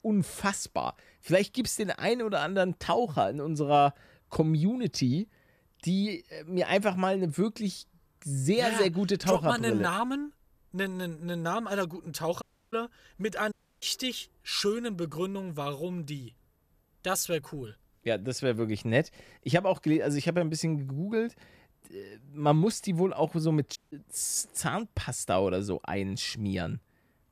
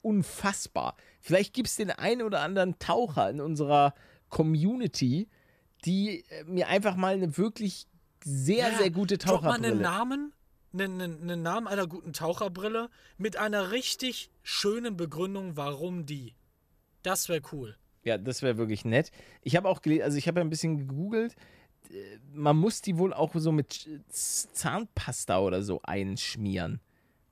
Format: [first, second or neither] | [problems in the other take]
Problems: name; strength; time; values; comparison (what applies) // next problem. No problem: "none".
second | audio cutting out; at 12 s, at 14 s and at 24 s